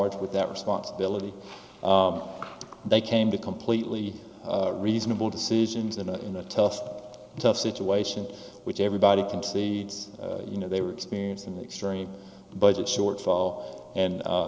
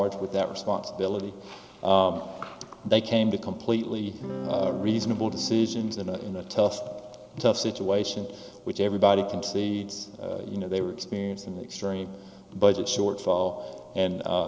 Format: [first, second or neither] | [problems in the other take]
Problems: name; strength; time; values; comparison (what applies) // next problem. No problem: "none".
first | background sound (Electric guitar / Strum); 9 dB below the speech